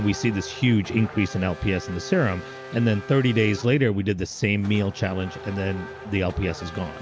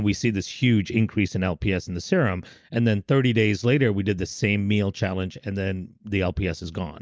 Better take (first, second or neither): second